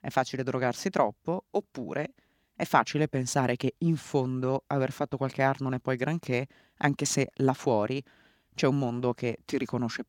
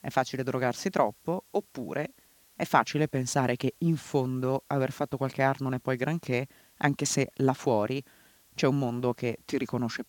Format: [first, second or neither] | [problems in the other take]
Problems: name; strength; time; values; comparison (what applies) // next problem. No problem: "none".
first | hiss; faint; throughout; 30 dB below the speech